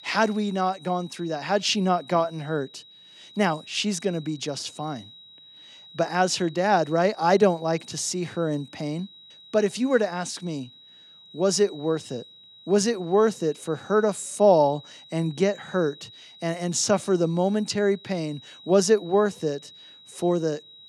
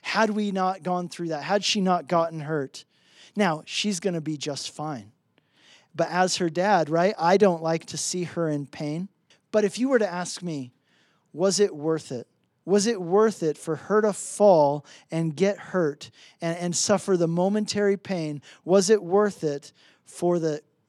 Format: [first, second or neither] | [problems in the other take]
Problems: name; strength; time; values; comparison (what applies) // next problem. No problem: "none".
second | high-pitched whine; faint; throughout; 4 kHz, 20 dB below the speech